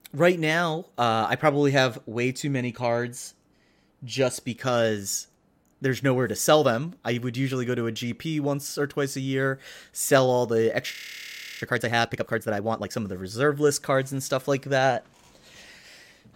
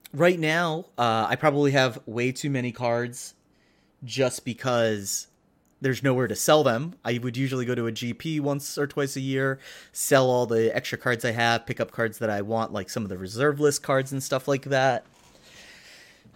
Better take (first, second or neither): second